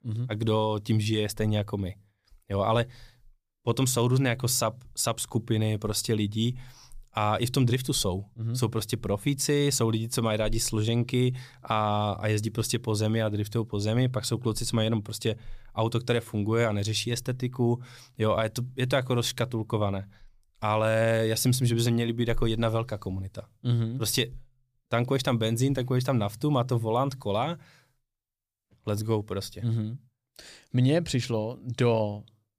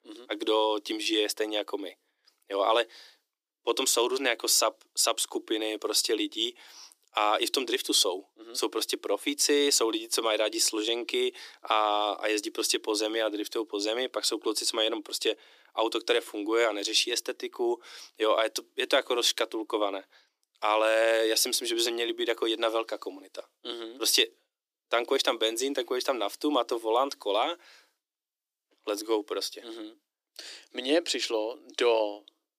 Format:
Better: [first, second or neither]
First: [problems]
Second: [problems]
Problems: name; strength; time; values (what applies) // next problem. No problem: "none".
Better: first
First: none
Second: thin; very; fading below 300 Hz